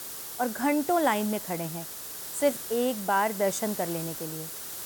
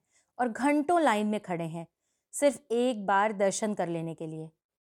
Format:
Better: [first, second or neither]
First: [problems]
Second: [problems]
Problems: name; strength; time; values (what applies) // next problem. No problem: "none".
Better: second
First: hiss; loud; throughout; 7 dB below the speech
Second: none